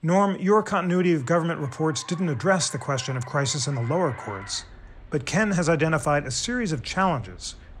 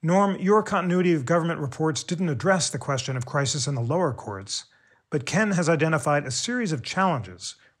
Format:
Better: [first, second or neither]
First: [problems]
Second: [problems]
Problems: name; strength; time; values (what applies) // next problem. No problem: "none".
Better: second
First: traffic noise; faint; throughout; 20 dB below the speech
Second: none